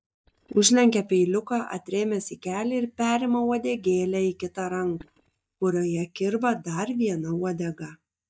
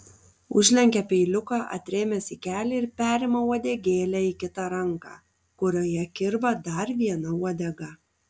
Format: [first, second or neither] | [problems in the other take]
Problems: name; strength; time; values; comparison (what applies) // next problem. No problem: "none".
second | noise reduction (neural mask model DeepFilterNet 3)